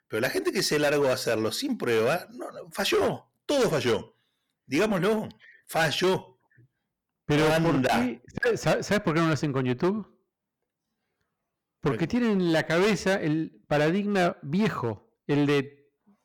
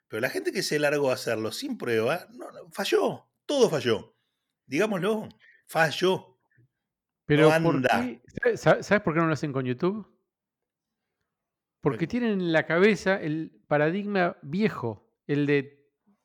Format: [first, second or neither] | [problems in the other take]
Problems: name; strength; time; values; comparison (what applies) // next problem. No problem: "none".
second | distortion; heavy; 11% of the sound clipped